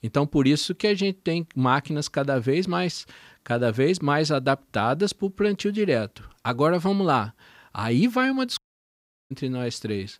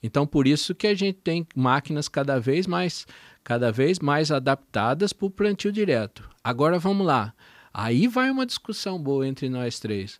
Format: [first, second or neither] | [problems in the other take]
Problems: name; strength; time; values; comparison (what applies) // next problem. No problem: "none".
second | audio cutting out; at 8.5 s for 0.5 s